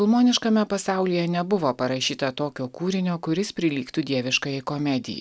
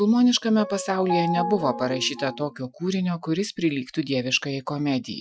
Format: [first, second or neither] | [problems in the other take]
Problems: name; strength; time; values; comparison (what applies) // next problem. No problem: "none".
first | noise reduction (classical method Wiener filter)